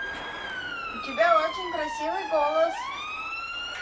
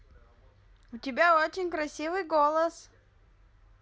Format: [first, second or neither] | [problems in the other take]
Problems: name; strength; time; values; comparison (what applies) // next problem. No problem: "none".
second | background sound (Motor vehicle (road) / Siren); 5 dB below the speech // room echo; dies away in 0.2 s